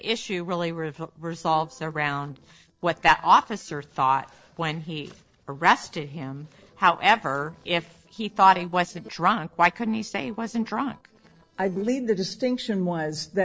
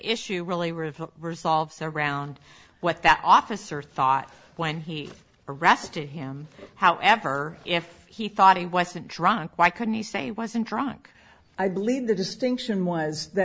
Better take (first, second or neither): second